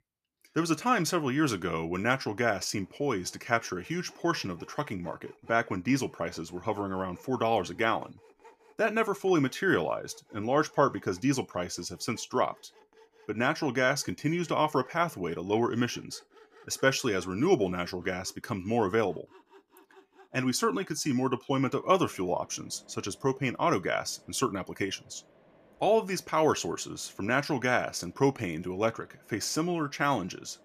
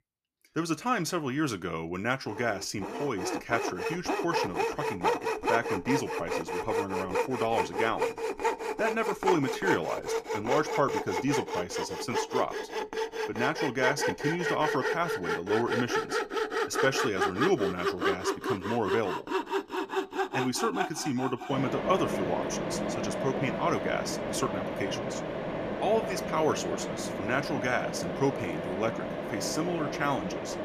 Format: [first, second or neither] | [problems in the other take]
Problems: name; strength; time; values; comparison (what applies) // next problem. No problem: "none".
first | machinery noise; loud; throughout; 1 dB below the speech; faint in the first